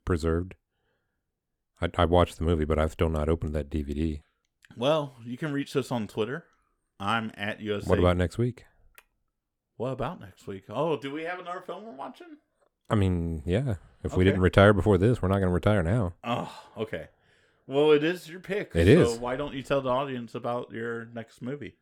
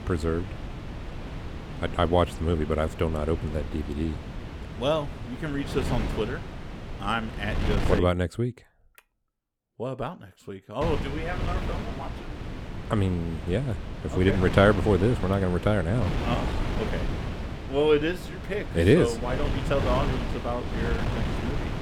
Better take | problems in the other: first | wind noise on the microphone; heavy; until 8 s and from 11 s on; 9 dB below the speech

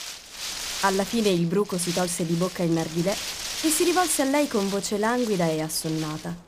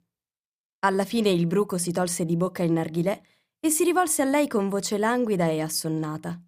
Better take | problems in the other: second | wind noise on the microphone; heavy; 6 dB below the speech

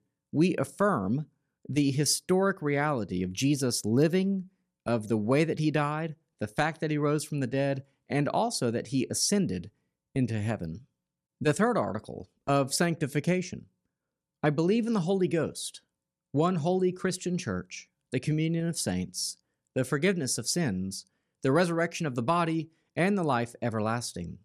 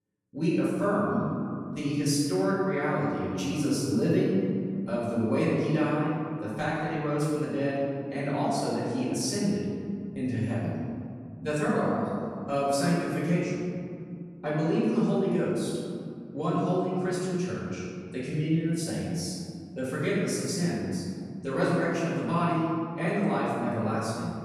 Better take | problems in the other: first | room echo; strong; dies away in 2.2 s // off-mic speech; far

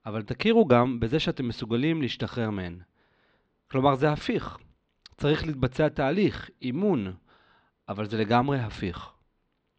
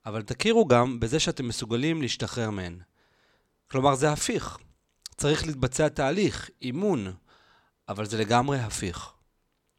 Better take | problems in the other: second | muffled; slightly; fading above 4 kHz

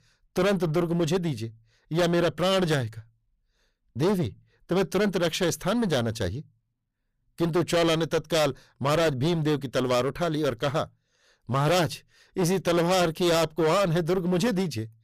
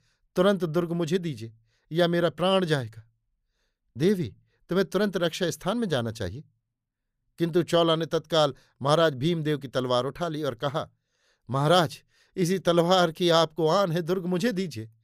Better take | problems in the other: second | distortion; heavy; 16% of the sound clipped

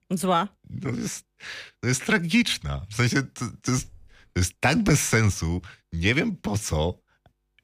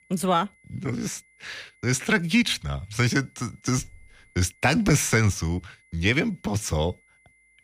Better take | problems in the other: first | high-pitched whine; faint; throughout; 2 kHz, 35 dB below the speech

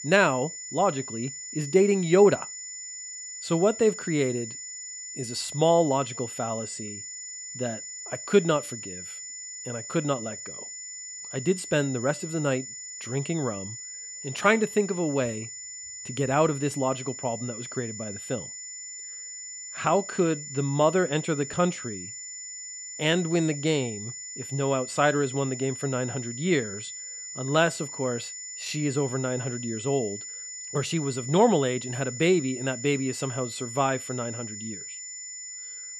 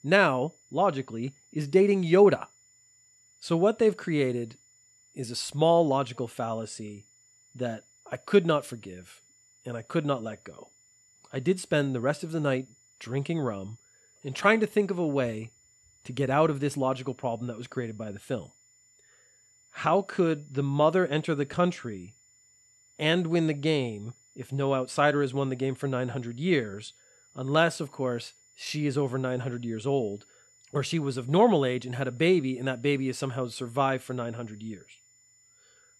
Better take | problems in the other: second | high-pitched whine; loud; throughout; 7 kHz, 10 dB below the speech; faint in the second

